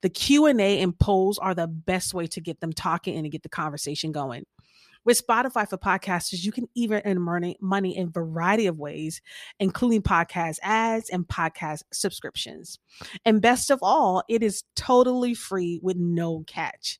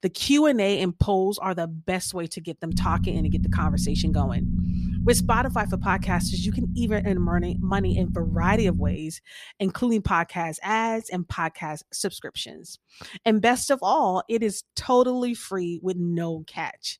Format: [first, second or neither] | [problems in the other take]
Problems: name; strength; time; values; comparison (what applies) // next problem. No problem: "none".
first | low rumble; noticeable; from 2.5 to 9 s; 10 dB below the speech